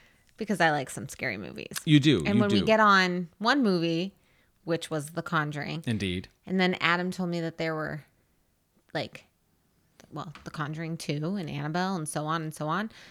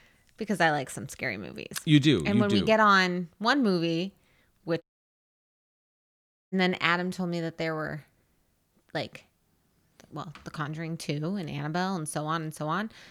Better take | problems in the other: first | audio cutting out; at 5 s for 1.5 s

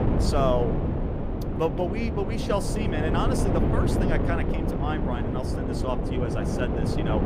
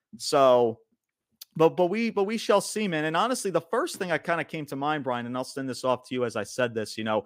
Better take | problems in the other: second | wind noise on the microphone; heavy; 2 dB below the speech

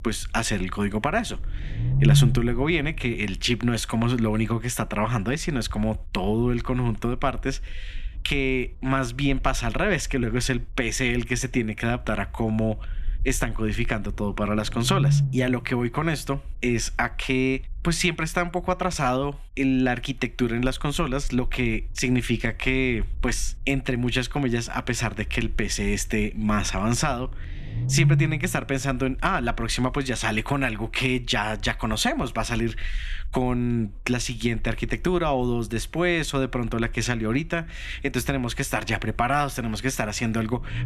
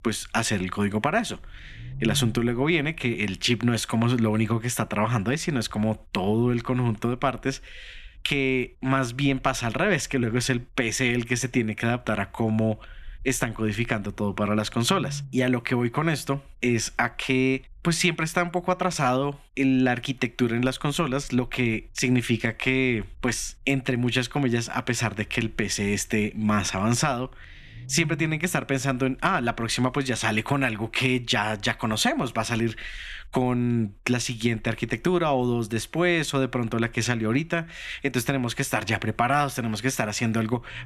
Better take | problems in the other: second | low rumble; loud; throughout; 10 dB below the speech; faint in the second

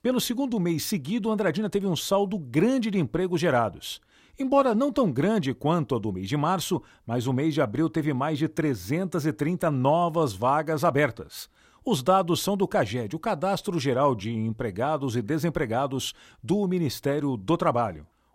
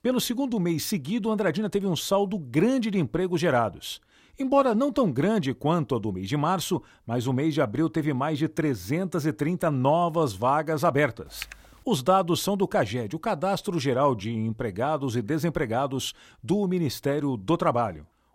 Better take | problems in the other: first | keyboard typing; faint; at 11 s; peak 15 dB below the speech

